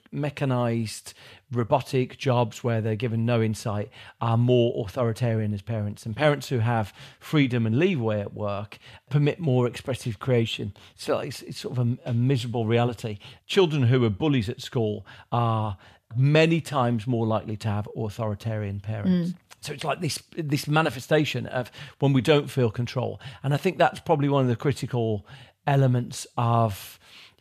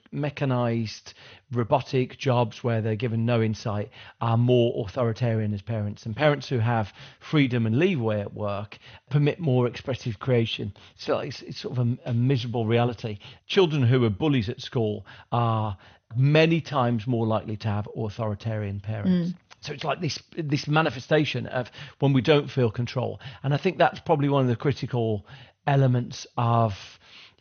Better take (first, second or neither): first